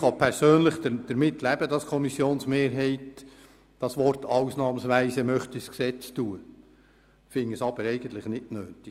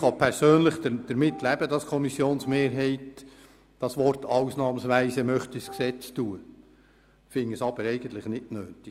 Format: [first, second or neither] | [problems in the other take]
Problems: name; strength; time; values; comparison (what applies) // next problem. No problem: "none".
first | background sound (Wind instrument, woodwind instrument); 19 dB below the speech